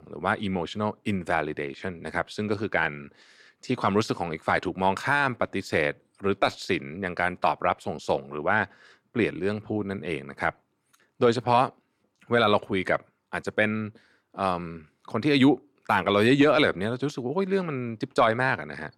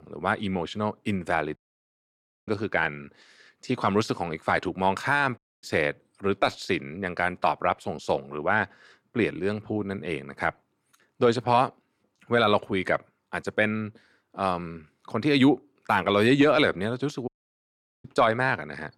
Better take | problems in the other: first | audio cutting out; at 1.5 s for 1 s, at 5.5 s and at 17 s for 1 s

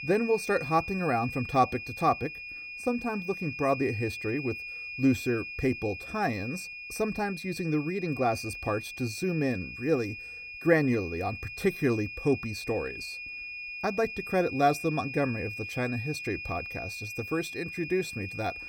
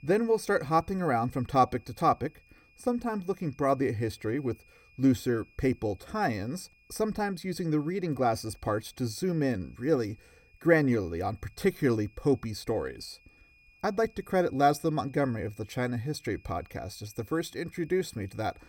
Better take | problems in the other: second | high-pitched whine; loud; throughout; 2.5 kHz, 7 dB below the speech; faint in the second

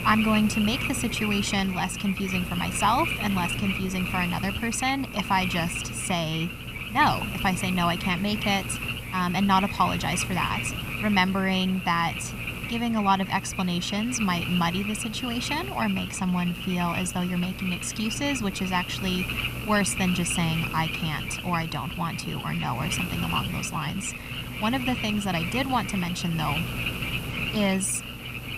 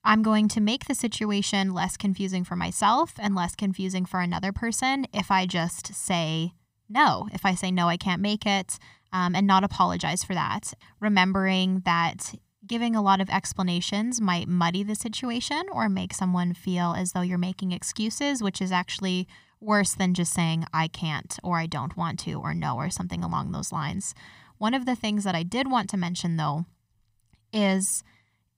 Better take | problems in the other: second | animal sounds; loud; throughout; 4 dB below the speech

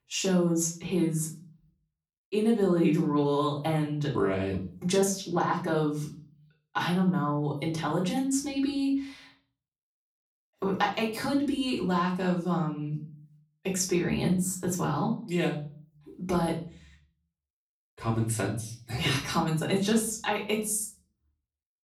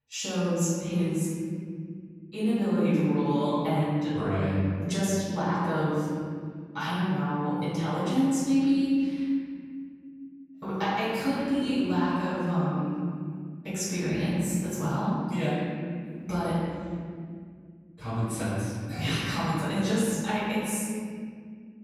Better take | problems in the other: first | room echo; strong; dies away in 2.5 s; slight in the first // off-mic speech; far; far in the first

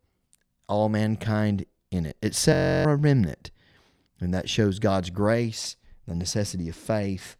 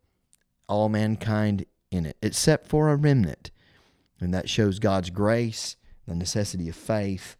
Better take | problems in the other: second | audio freezing; at 2.5 s

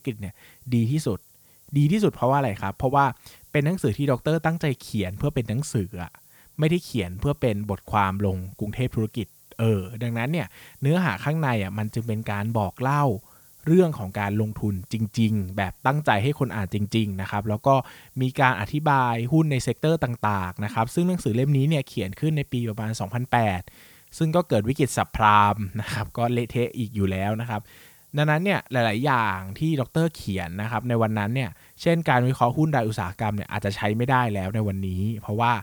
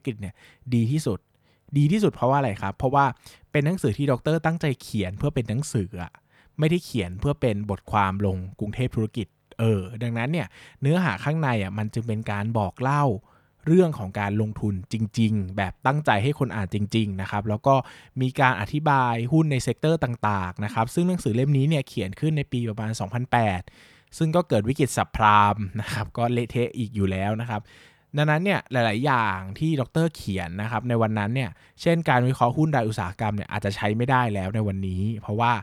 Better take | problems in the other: second | hiss; faint; throughout; 25 dB below the speech

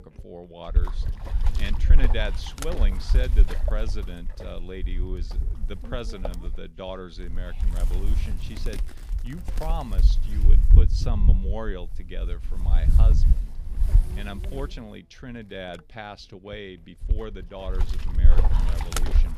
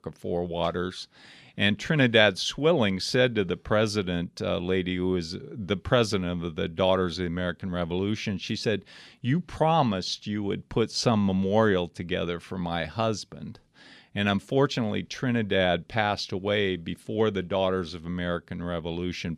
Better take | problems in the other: second | wind noise on the microphone; heavy; 3 dB below the speech

